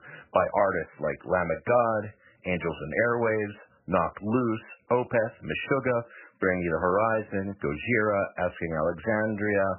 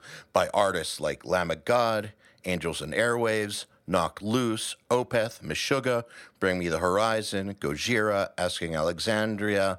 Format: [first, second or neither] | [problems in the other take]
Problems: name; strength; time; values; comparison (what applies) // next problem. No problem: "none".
second | garbled, watery; badly; nothing above 3 kHz